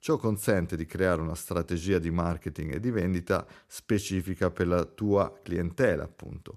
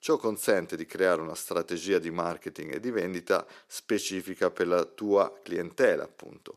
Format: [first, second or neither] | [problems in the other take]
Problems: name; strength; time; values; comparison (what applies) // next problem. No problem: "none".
first | thin; somewhat; fading below 400 Hz